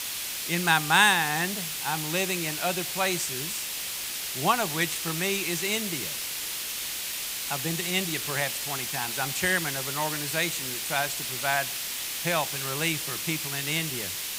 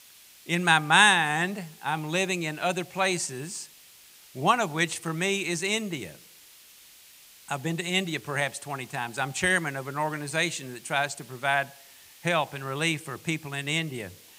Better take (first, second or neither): second